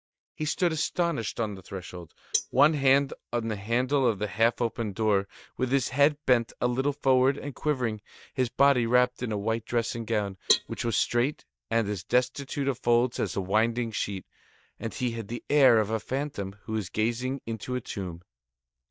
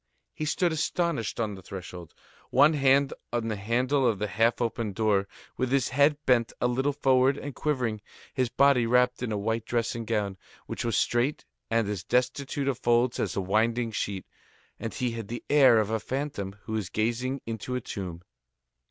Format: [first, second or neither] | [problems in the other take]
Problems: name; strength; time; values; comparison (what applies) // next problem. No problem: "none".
second | noise reduction (neural mask model DeepFilterNet 3)